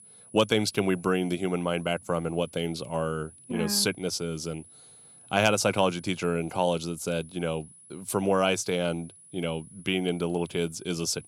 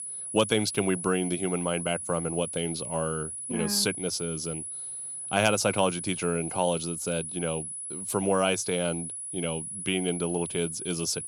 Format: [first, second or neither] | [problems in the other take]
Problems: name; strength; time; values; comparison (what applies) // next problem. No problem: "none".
first | high-pitched whine; loud; throughout; 10 kHz, 5 dB below the speech; faint in the first